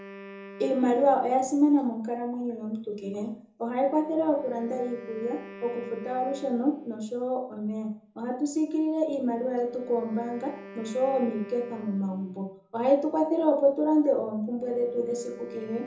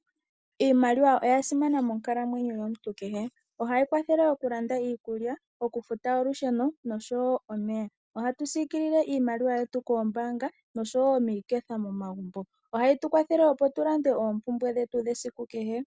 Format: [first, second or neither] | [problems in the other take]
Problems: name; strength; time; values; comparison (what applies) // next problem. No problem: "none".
second | background sound (Wind instrument, woodwind instrument); 19 dB below the speech // room echo; dies away in 0.5 s